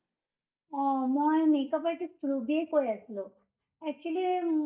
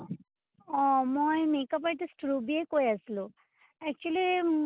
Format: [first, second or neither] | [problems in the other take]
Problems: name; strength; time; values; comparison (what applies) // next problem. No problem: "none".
second | noise reduction (neural mask model DeepFilterNet 3)